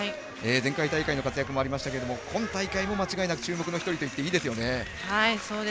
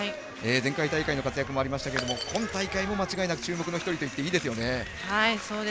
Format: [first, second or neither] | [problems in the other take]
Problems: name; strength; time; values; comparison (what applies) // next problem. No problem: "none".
first | background sound (Shatter / Crushing); 13 dB below the speech